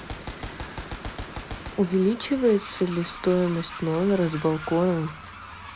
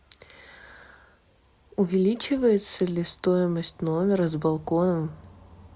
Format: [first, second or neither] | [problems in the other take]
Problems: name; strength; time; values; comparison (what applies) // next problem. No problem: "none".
second | background sound (Train + Gunshot, gunfire); 12 dB below the speech